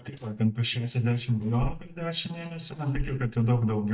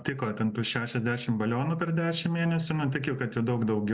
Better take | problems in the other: second | noise reduction (neural mask model DeepFilterNet 3)

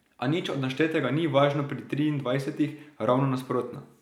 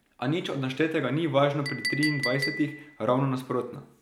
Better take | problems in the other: first | background sound (Chink, clink); 9 dB below the speech

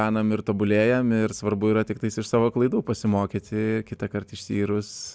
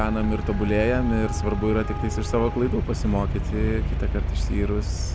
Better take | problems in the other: first | background sound (Traffic noise, roadway noise); as loud as the speech

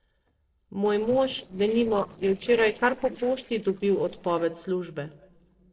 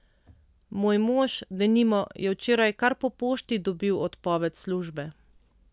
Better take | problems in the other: second | noise reduction (neural separator model SepFormer DNS4)

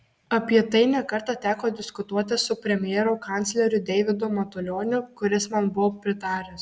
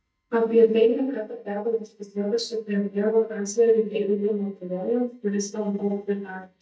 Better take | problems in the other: first | noise reduction (neural mask model DeepFilterNet 3)

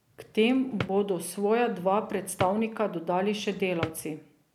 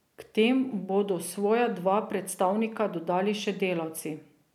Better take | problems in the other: second | background sound (Drawer open or close); 14 dB below the speech

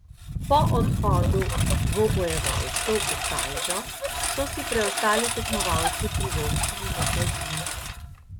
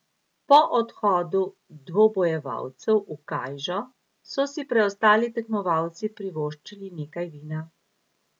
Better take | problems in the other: second | background sound (Engine); 3 dB above the speech

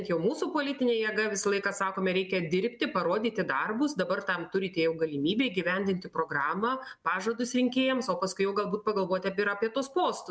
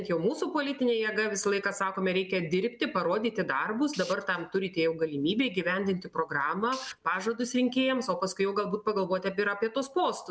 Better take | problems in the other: first | background sound (Tools); 17 dB below the speech

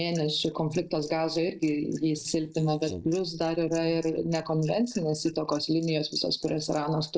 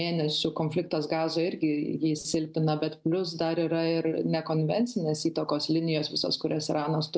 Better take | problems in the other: second | noise reduction (neural mask model Resemble Enhance denoiser)

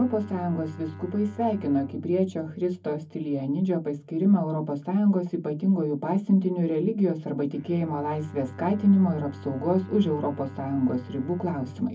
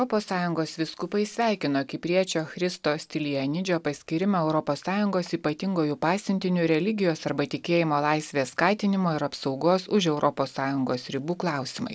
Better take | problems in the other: second | background sound (Bowed string instrument); 18 dB below the speech // room echo; dies away in 0.3 s

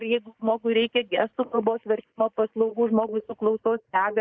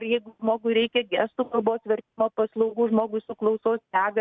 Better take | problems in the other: second | noise reduction (neural mask model Resemble Enhance denoiser)

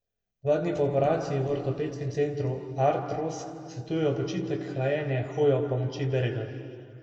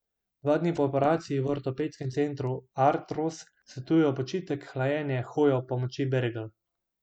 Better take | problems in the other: second | room echo; dies away in 2.1 s

